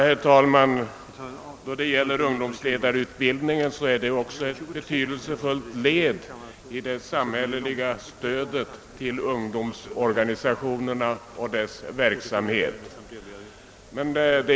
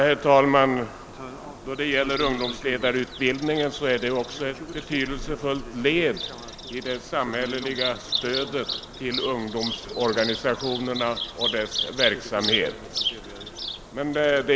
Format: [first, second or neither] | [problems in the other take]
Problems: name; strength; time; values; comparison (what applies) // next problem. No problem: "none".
first | background sound (Bird vocalization, bird call, bird song); 8 dB below the speech